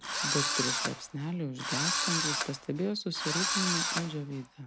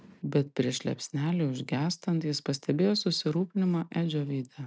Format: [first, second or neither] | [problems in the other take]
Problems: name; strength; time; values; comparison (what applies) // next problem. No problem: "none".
second | background sound (Engine / Drill); 2 dB above the speech